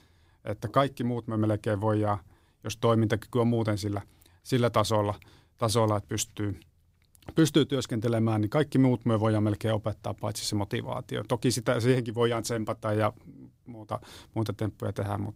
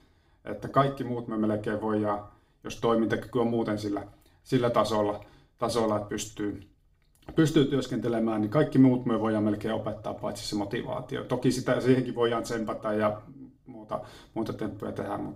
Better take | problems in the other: first | room echo; very slight; dies away in 0.3 s // off-mic speech; far

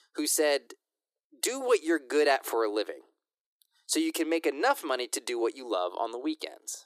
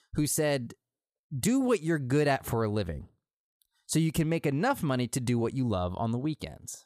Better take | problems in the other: second | thin; very; fading below 300 Hz

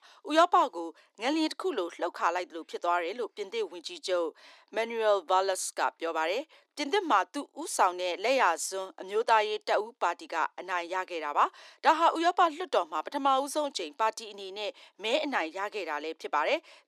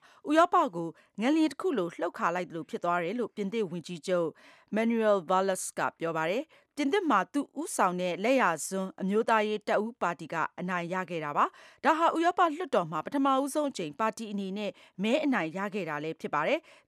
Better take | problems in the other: second | thin; somewhat; fading below 300 Hz

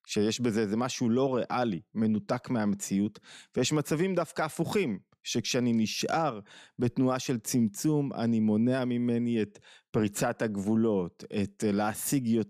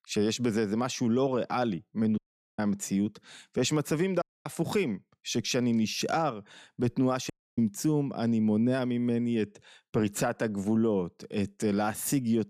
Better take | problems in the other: first | audio cutting out; at 2 s, at 4 s and at 7.5 s

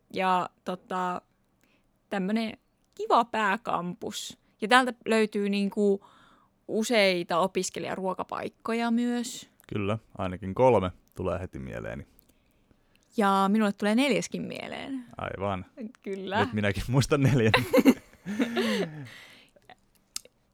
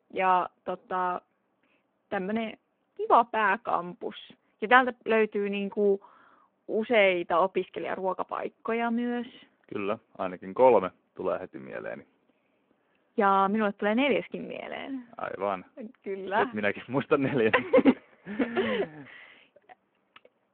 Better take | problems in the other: first | phone-call audio

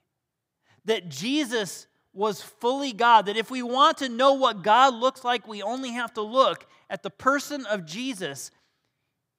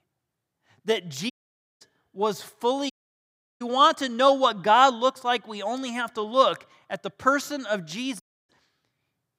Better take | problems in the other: first | audio cutting out; at 1.5 s for 0.5 s, at 3 s for 0.5 s and at 8 s

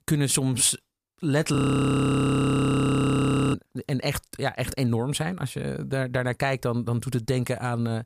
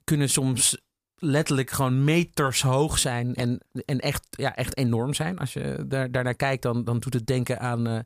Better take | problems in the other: second | audio freezing; at 1.5 s for 2 s

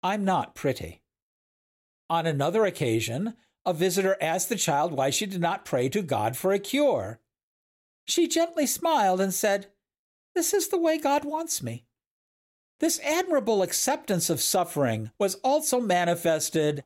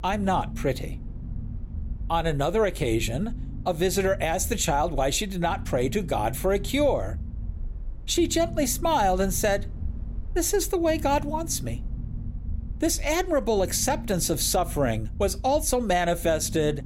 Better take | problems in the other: first | low rumble; faint; throughout; 25 dB below the speech

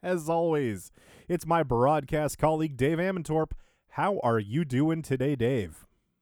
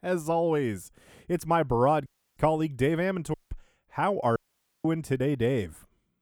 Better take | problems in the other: first | audio cutting out; at 2 s, at 3.5 s and at 4.5 s

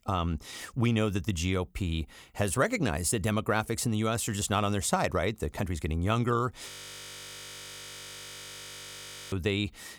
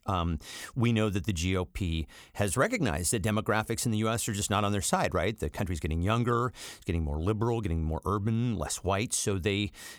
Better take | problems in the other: second | audio freezing; at 6.5 s for 2.5 s

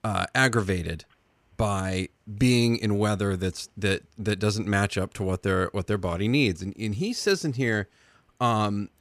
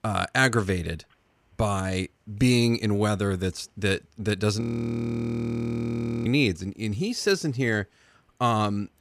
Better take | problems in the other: first | audio freezing; at 4.5 s for 1.5 s

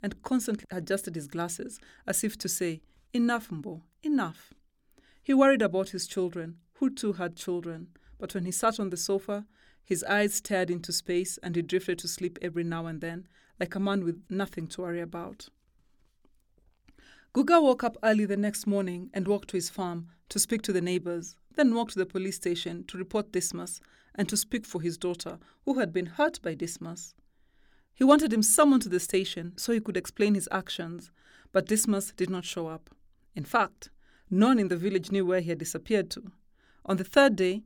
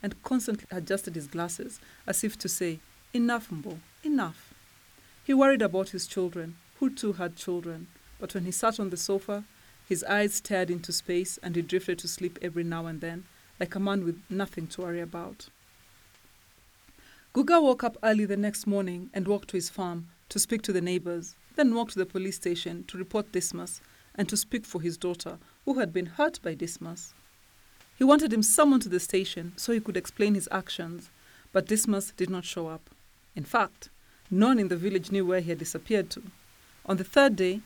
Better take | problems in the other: first | hiss; faint; throughout; 30 dB below the speech

